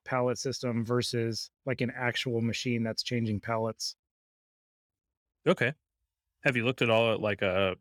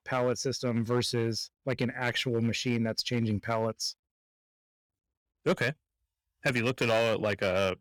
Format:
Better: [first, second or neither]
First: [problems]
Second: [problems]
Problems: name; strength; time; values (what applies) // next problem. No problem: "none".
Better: first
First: none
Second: distortion; slight; 3% of the sound clipped